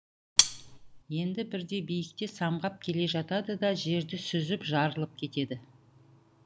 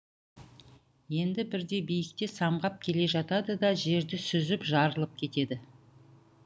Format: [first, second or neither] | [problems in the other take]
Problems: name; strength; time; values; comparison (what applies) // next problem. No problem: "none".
second | background sound (Cutlery, silverware); 5 dB above the speech